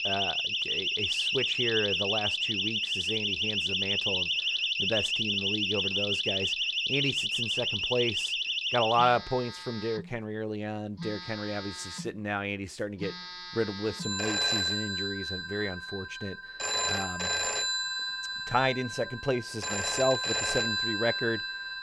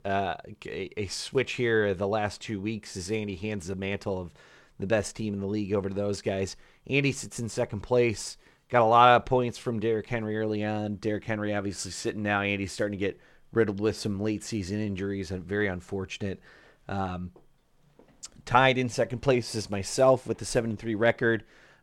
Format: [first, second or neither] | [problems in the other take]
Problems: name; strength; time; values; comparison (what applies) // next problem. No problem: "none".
second | alarms or sirens; very loud; throughout; 4 dB above the speech